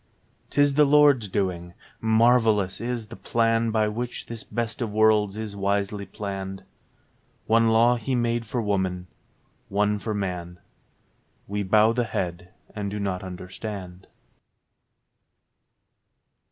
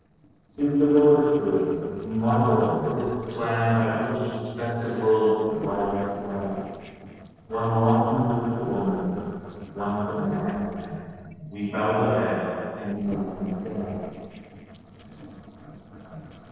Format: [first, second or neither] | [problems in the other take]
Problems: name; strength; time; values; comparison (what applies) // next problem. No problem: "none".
first | noise reduction (neural separator model SepFormer DNS4)